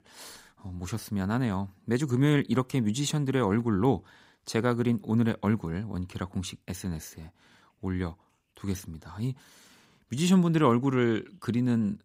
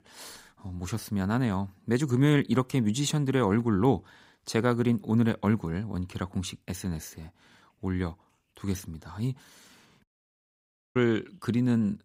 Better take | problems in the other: first | audio cutting out; at 10 s for 1 s

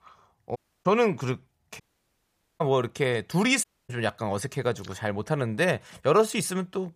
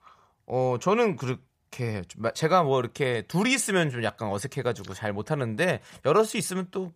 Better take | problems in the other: second | audio cutting out; at 0.5 s, at 2 s for 1 s and at 3.5 s

